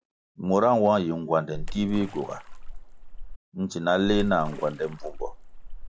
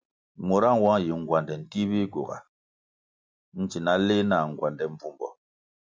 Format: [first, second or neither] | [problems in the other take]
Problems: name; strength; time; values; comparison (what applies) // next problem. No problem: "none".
second | background sound (Splash, splatter); 7 dB below the speech